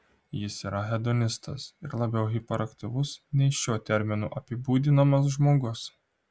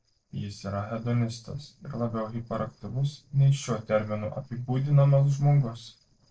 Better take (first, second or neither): first